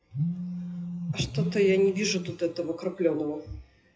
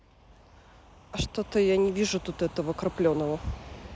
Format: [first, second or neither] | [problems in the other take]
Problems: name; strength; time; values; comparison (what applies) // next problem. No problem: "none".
second | noise reduction (classical method WPE with log-MMSE)